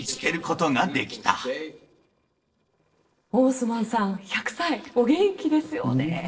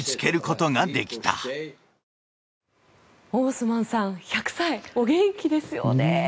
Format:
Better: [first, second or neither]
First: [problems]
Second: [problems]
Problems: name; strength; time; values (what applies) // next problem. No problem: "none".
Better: second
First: noise reduction (neural separator model SepFormer DNS4)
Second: none